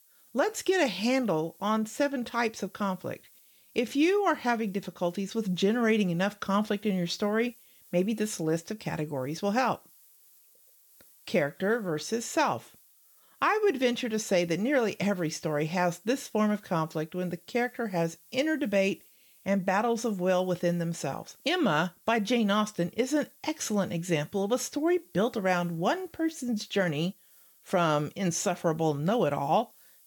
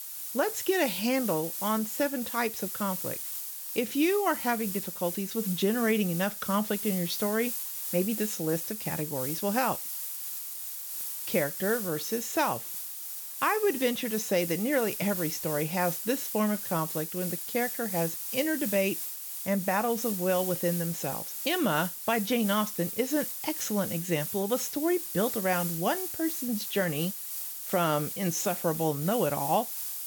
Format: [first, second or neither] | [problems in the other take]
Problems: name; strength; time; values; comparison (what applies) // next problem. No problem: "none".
first | hiss; loud; throughout; 4 dB below the speech; faint in the first